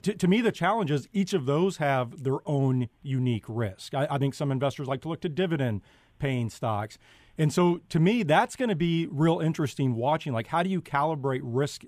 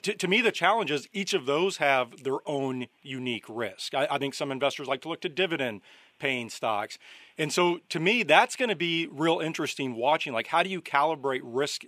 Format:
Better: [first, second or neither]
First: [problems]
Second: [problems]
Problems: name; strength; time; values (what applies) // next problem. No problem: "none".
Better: first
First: none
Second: thin; somewhat; fading below 350 Hz